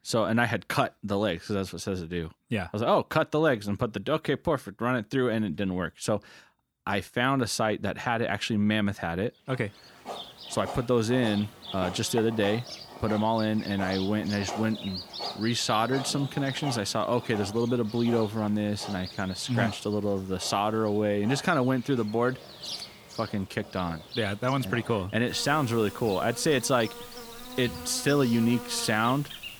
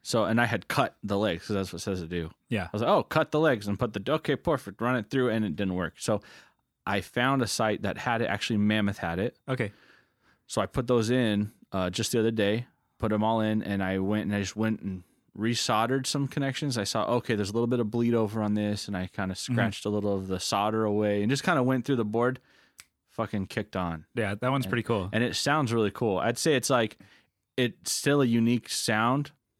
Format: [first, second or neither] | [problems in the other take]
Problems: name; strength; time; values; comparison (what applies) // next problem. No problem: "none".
second | animal sounds; noticeable; from 10 s on; 10 dB below the speech